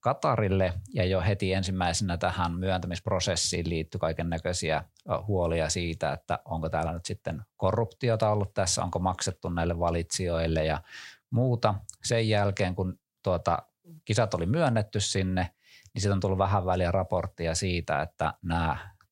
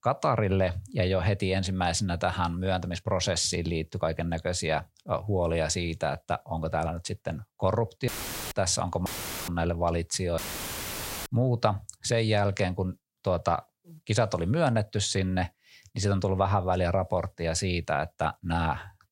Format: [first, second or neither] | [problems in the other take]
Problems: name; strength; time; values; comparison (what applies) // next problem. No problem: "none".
first | audio cutting out; filled with static; at 8 s, at 9 s and at 10 s for 1 s